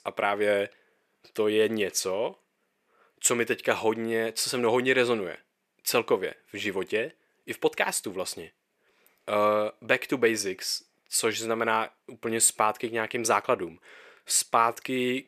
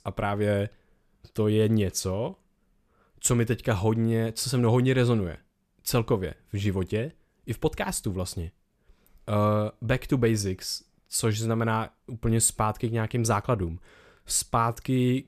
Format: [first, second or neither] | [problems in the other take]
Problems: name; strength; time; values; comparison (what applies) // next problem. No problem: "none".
second | thin; somewhat; fading below 400 Hz